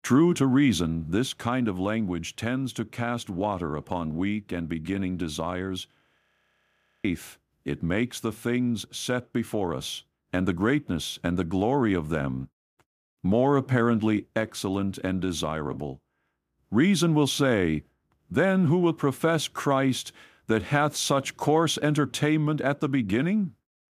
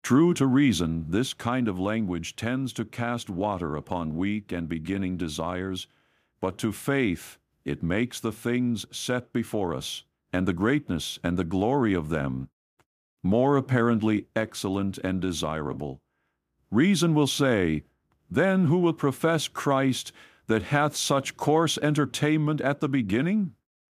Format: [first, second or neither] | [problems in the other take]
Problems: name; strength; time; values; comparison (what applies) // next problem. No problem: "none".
second | audio freezing; at 6 s for 1 s